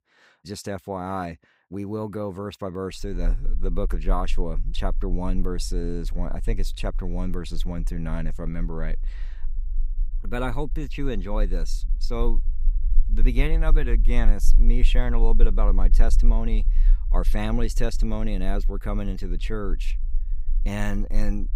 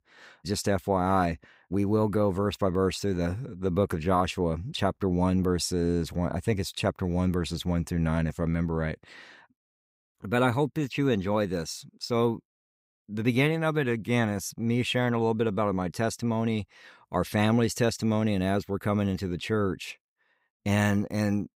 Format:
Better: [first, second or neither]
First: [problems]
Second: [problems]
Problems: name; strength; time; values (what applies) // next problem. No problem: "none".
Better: second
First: low rumble; faint; from 3 s on; 20 dB below the speech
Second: none